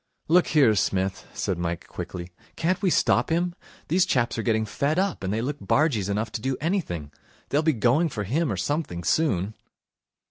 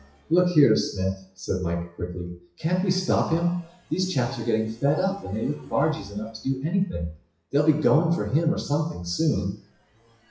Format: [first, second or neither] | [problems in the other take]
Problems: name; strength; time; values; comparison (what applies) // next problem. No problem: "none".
first | noise reduction (classical method WPE with log-MMSE)